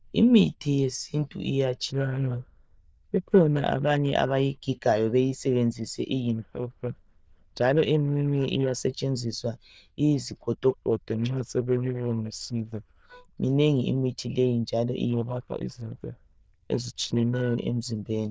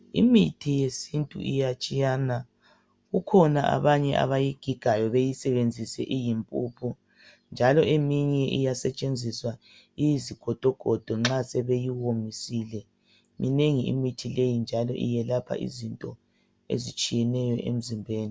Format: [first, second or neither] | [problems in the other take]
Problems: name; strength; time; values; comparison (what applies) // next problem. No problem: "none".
second | noise reduction (neural diffusion model UNIVERSE++)